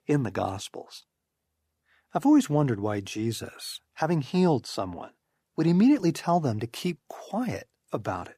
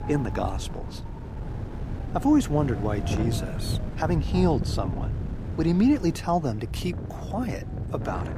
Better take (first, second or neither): first